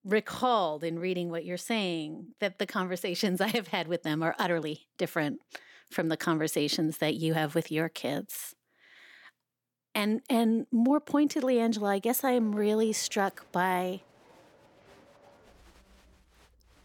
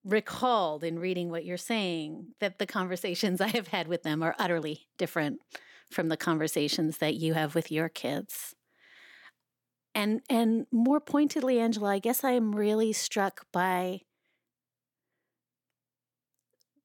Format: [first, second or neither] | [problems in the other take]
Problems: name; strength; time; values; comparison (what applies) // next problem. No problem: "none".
second | crowd noise; faint; from 12 s on; 30 dB below the speech